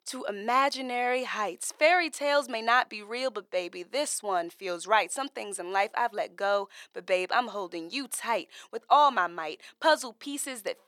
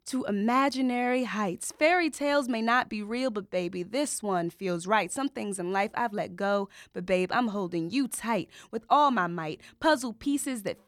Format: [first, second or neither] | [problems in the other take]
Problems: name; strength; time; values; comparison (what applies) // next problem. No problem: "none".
second | thin; somewhat; fading below 550 Hz